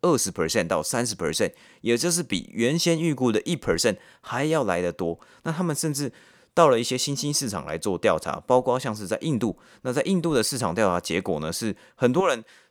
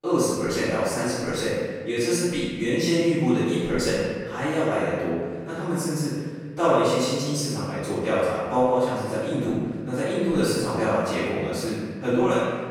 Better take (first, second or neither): first